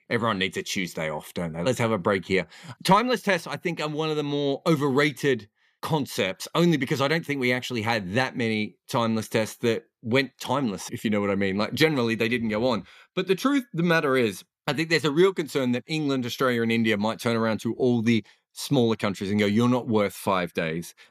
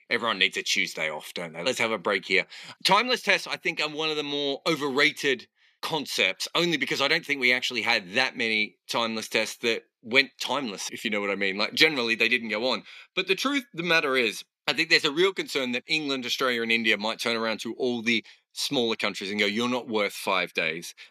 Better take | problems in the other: first | thin; very slightly; fading below 250 Hz

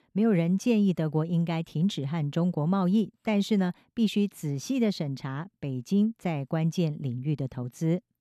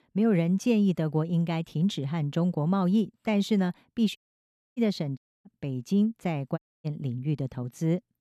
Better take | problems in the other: first | audio cutting out; at 4 s for 0.5 s, at 5 s and at 6.5 s

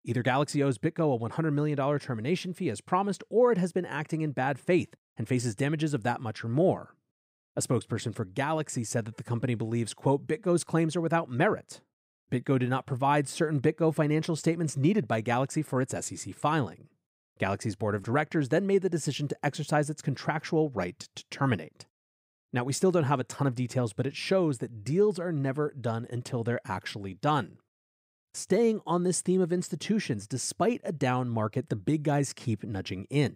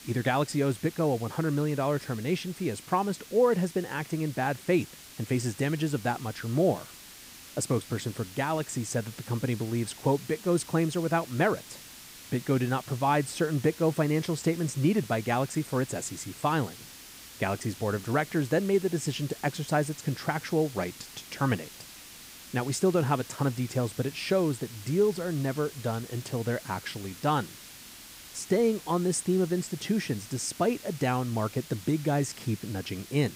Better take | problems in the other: first | hiss; noticeable; throughout; 15 dB below the speech

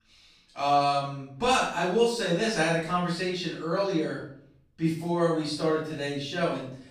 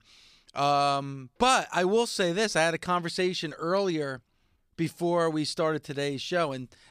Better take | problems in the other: second | off-mic speech; far // room echo; noticeable; dies away in 0.5 s

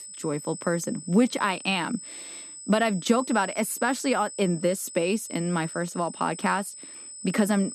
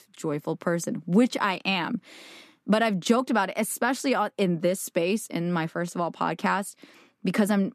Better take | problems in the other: second | high-pitched whine; noticeable; throughout; 8 kHz, 10 dB below the speech

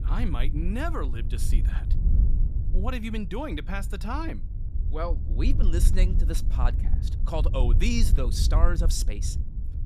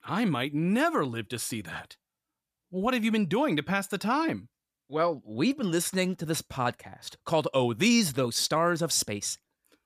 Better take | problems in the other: second | wind noise on the microphone; occasional gusts; 10 dB below the speech

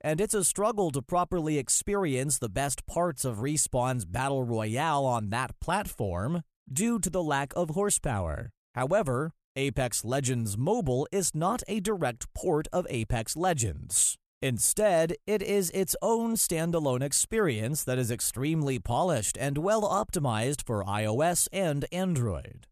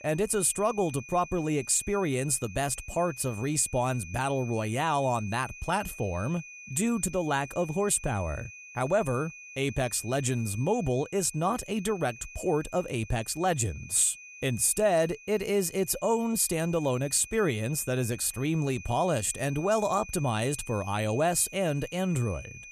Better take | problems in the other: first | high-pitched whine; noticeable; throughout; 2.5 kHz, 15 dB below the speech

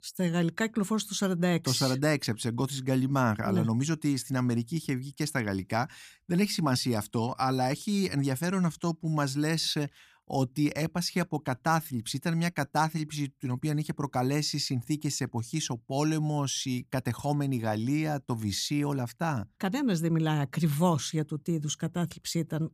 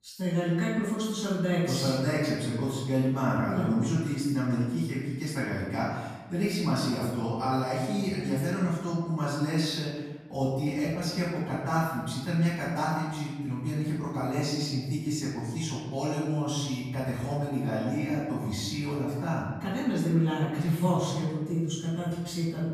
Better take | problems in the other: first | off-mic speech; far // room echo; noticeable; dies away in 1.1 s

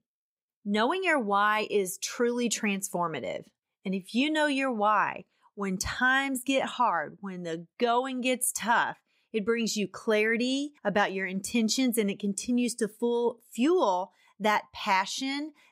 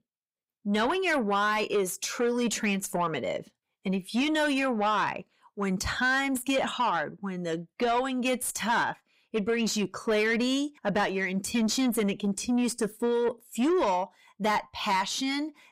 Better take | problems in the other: first | distortion; slight; 10 dB below the speech

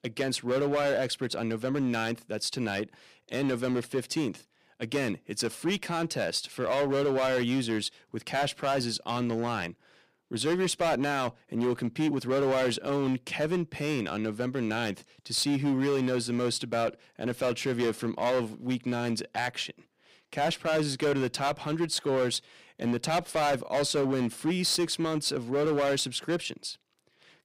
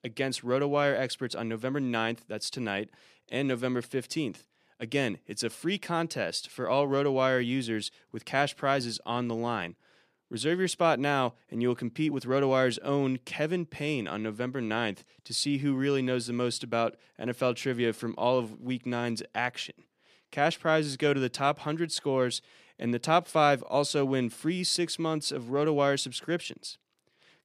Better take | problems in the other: second | distortion; heavy; 9% of the sound clipped

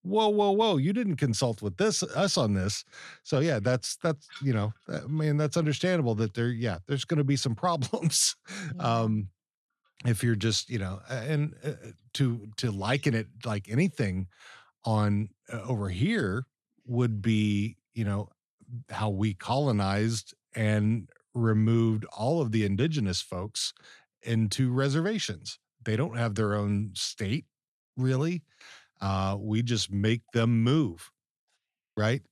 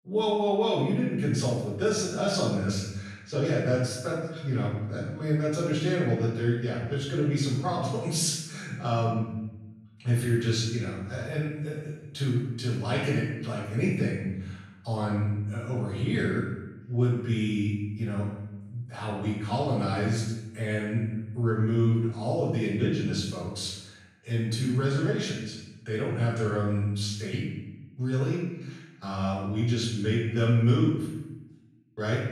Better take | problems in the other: first | off-mic speech; far // room echo; noticeable; dies away in 0.8 s

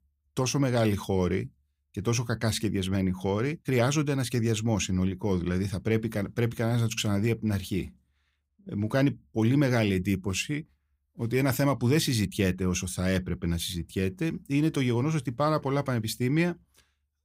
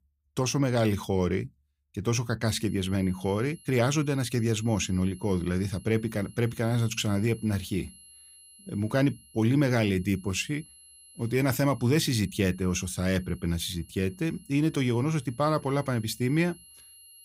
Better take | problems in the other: first | high-pitched whine; faint; from 2.5 s on; 11 kHz, 25 dB below the speech

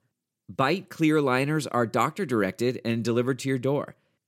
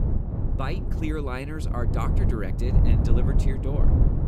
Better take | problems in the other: first | wind noise on the microphone; heavy; 2 dB below the speech

